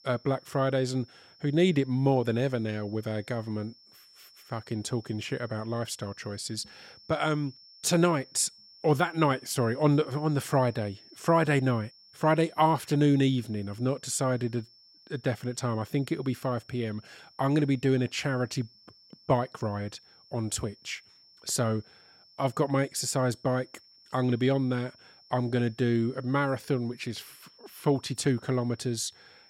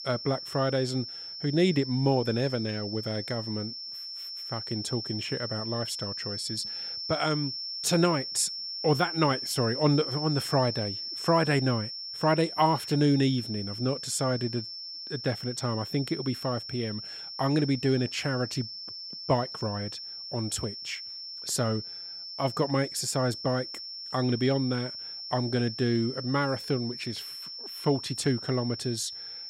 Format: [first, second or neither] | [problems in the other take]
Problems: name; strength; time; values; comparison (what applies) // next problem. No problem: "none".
first | high-pitched whine; loud; throughout; 5.5 kHz, 7 dB below the speech; faint in the first